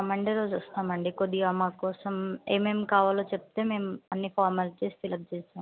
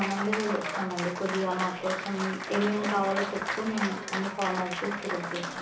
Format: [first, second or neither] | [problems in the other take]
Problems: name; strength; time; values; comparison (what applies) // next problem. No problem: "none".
first | background sound (Applause); 3 dB below the speech // room echo; dies away in 0.8 s